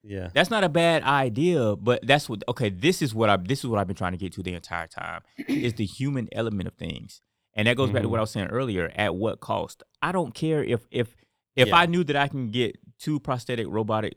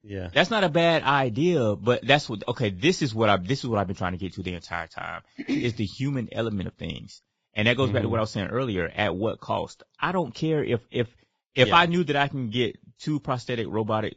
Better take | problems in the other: first | garbled, watery; badly; nothing above 7.5 kHz

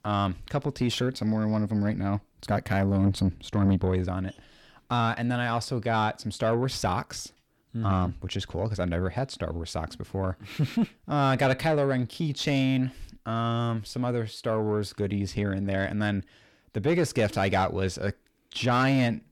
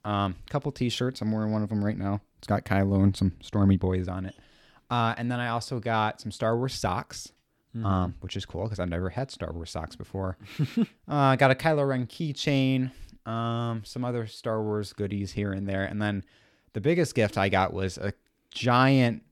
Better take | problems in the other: second | distortion; slight; 10 dB below the speech

